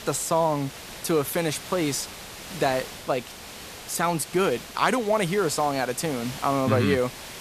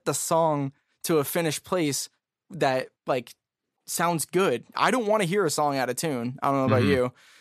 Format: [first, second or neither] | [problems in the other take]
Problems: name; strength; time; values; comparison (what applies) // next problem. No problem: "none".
second | hiss; noticeable; throughout; 15 dB below the speech